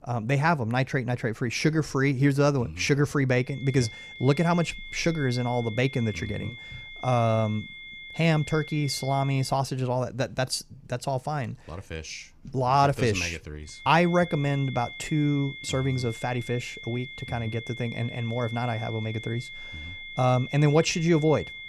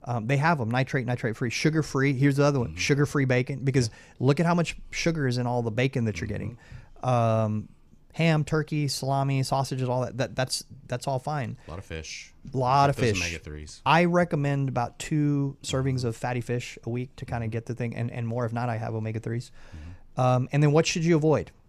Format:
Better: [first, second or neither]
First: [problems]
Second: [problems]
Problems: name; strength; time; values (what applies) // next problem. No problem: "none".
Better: second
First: high-pitched whine; noticeable; from 3.5 to 9.5 s and from 14 s on; 2 kHz, 15 dB below the speech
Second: none